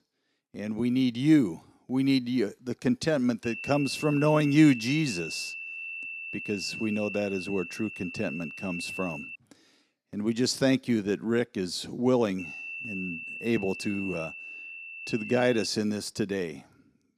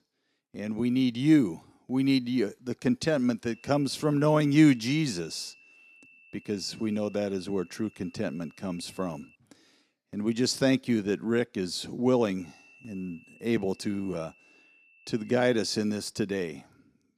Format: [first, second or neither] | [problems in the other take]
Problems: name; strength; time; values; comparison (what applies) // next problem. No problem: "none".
second | high-pitched whine; loud; from 3.5 to 9.5 s and from 12 to 16 s; 2.5 kHz, 9 dB below the speech; faint in the second